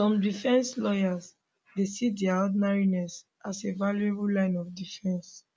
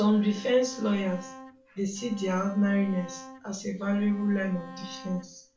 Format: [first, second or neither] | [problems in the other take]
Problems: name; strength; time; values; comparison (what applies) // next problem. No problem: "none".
first | background sound (Bowed string instrument); 18 dB below the speech // room echo; dies away in 0.3 s